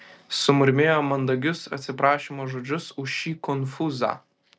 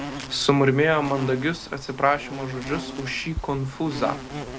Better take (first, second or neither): first